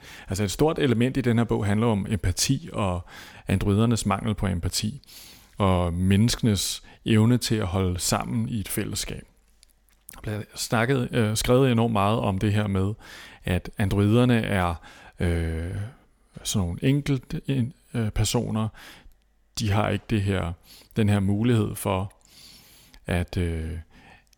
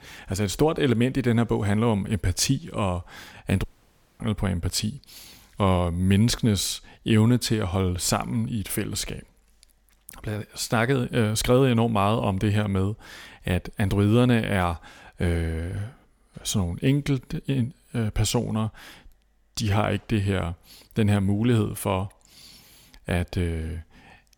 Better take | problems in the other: first | audio cutting out; at 3.5 s for 0.5 s

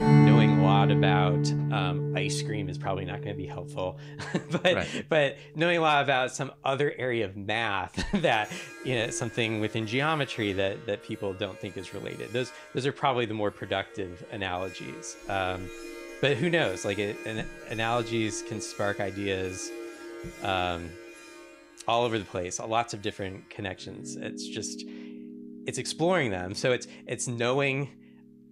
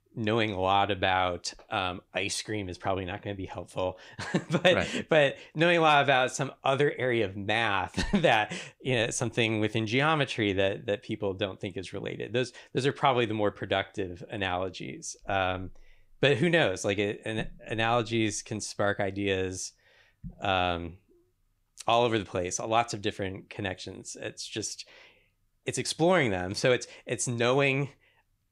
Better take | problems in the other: second | background music; loud; throughout; 1 dB below the speech

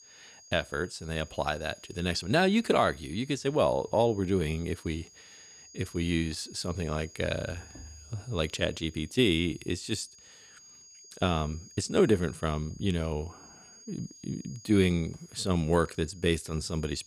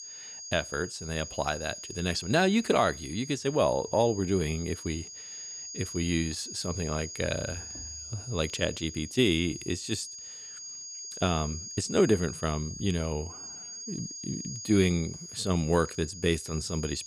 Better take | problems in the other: first | high-pitched whine; loud; throughout; 6.5 kHz, 10 dB below the speech; faint in the first

